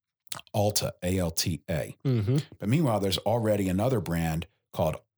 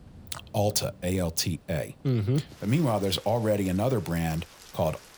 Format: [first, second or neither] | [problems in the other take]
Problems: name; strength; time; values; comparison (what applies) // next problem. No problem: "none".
first | rain or running water; faint; throughout; 20 dB below the speech